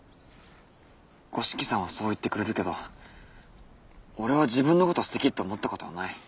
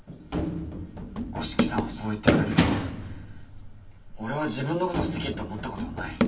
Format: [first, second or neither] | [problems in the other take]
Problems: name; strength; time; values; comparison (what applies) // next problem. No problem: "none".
first | background sound (Run); 5 dB above the speech // room echo; dies away in 0.2 s